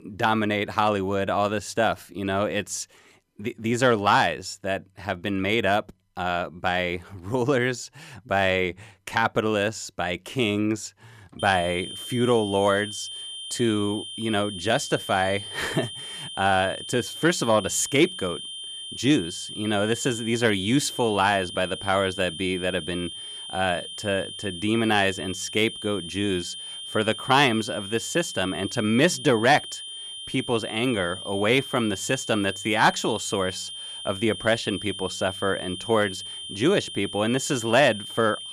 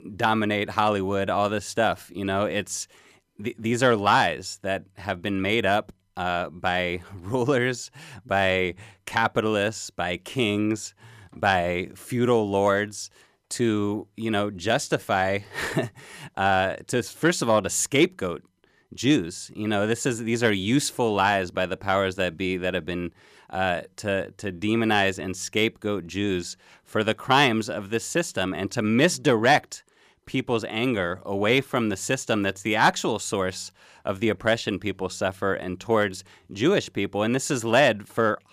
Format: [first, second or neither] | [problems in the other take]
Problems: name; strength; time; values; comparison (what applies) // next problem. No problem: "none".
second | high-pitched whine; loud; from 11 s on; 3 kHz, 9 dB below the speech